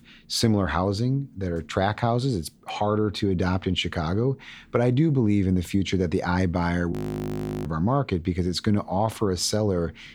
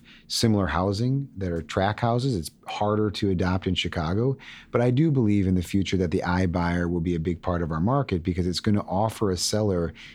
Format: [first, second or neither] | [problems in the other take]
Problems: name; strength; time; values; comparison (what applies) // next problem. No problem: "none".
second | audio freezing; at 7 s for 0.5 s